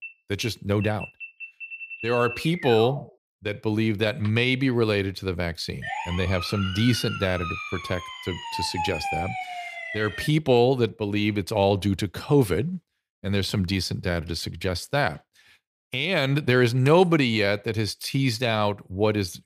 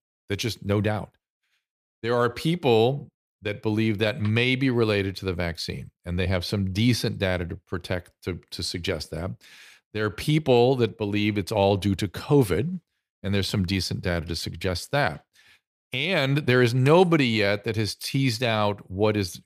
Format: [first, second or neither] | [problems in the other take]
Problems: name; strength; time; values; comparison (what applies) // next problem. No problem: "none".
second | alarm; noticeable; until 3 s; peak 8 dB below the speech // siren; noticeable; from 6 to 10 s; peak 4 dB below the speech